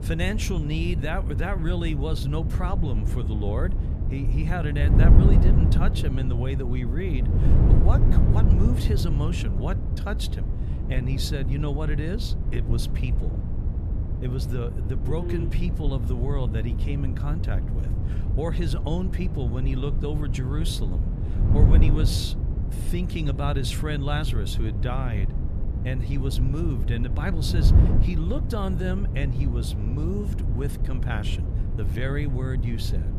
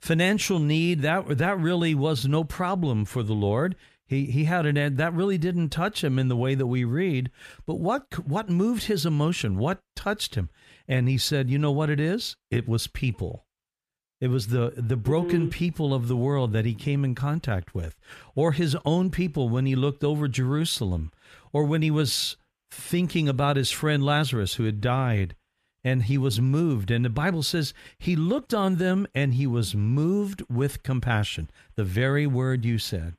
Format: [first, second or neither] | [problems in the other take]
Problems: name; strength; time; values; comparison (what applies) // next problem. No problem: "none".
second | wind noise on the microphone; heavy; 4 dB below the speech